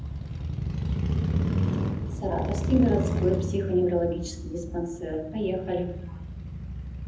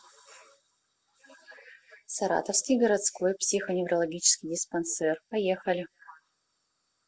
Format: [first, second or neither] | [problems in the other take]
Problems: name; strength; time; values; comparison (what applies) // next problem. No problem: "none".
second | background sound (Motorcycle / Crow); as loud as the speech // room echo; dies away in 0.8 s